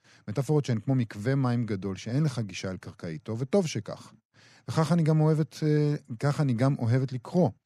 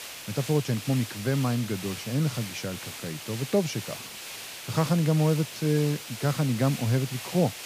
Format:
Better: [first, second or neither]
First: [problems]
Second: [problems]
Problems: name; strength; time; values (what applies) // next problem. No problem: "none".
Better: first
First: none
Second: hiss; loud; throughout; 10 dB below the speech